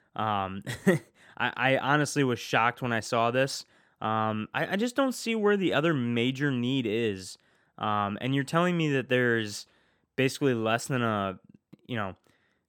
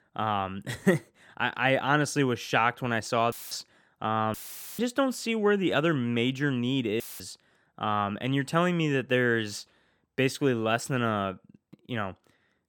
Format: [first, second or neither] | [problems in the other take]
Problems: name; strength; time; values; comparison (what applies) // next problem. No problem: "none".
first | audio cutting out; filled with static; at 3.5 s, at 4.5 s and at 7 s